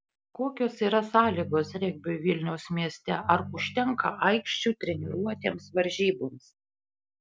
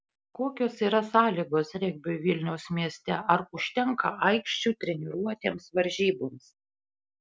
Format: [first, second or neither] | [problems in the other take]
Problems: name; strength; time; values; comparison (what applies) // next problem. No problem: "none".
second | background sound (Ringtone); 16 dB below the speech